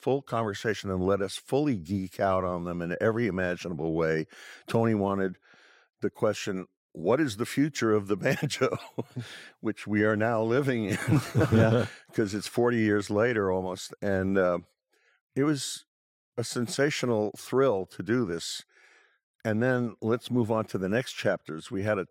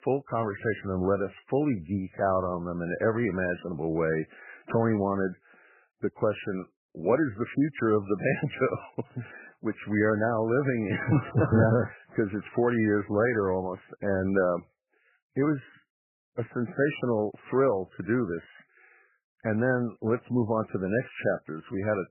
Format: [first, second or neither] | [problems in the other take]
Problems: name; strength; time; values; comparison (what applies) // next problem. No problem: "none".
first | garbled, watery; badly; nothing above 3 kHz